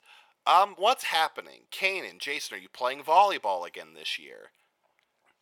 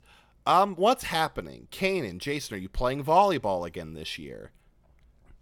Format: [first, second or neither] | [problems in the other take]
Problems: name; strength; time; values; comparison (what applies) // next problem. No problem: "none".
second | thin; very; fading below 600 Hz